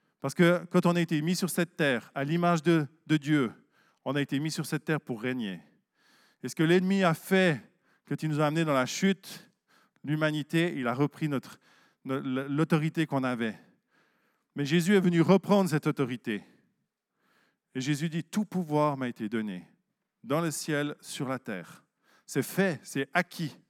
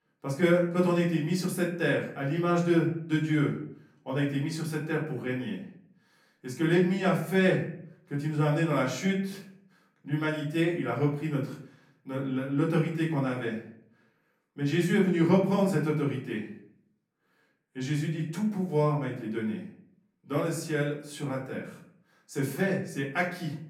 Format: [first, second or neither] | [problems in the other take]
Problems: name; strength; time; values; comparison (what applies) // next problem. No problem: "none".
first | off-mic speech; far // room echo; slight; dies away in 0.5 s